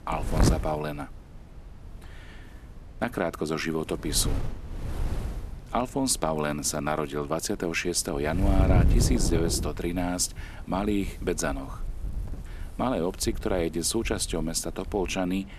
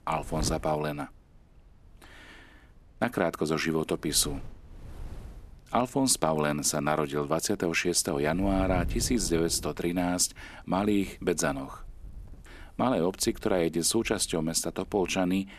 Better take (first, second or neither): second